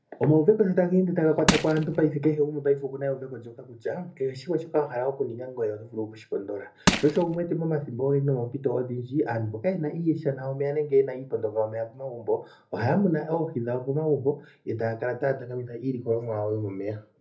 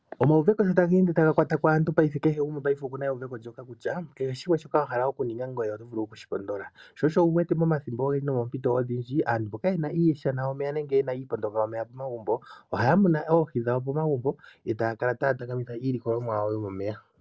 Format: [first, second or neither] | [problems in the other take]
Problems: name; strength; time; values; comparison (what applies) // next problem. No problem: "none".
second | background sound (Crushing); as loud as the speech // room echo; dies away in 0.3 s